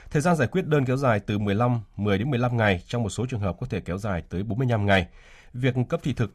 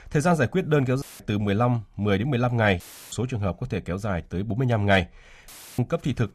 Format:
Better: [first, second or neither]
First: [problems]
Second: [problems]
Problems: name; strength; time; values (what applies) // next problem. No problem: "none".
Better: first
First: none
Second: audio cutting out; filled with static; at 1 s, at 3 s and at 5.5 s